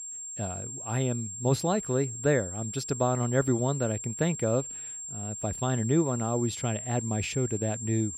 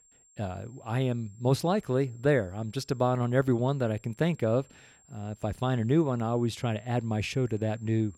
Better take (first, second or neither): second